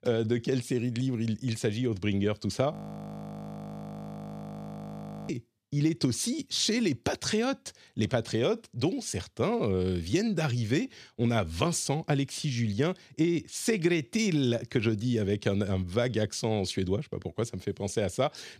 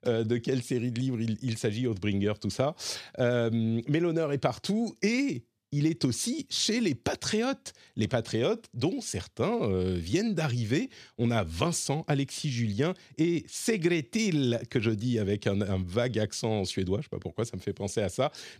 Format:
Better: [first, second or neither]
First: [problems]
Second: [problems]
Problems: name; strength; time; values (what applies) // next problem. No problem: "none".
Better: second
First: audio freezing; at 2.5 s for 2.5 s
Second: none